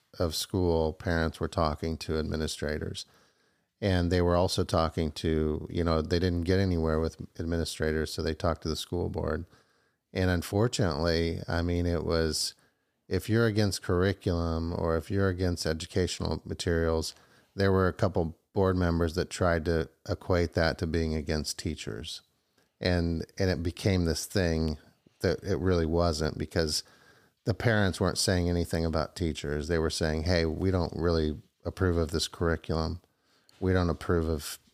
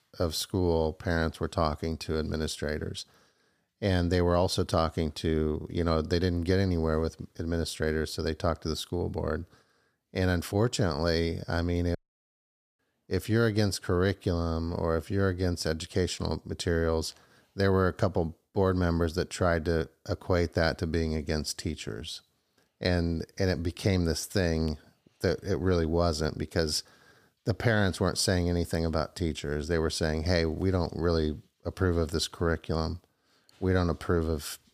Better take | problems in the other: first | audio cutting out; at 12 s for 1 s

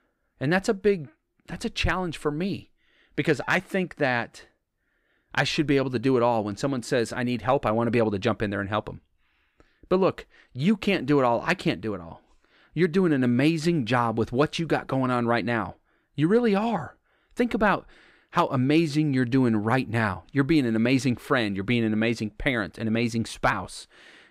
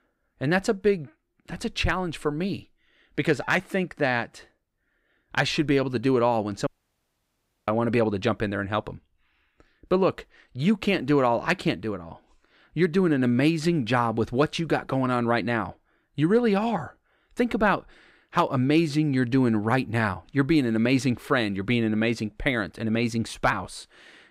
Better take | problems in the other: first | audio cutting out; at 6.5 s for 1 s

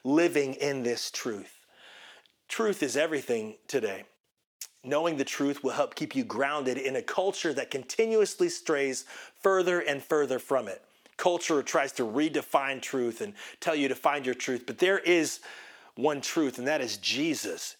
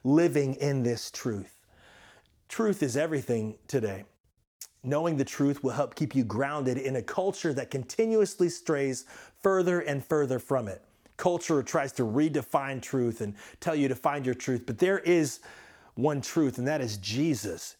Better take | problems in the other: second | thin; very slightly; fading below 300 Hz

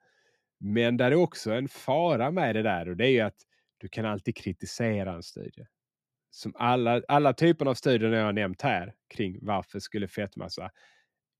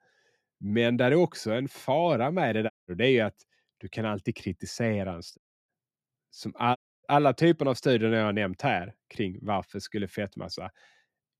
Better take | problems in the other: first | audio cutting out; at 2.5 s, at 5.5 s and at 7 s

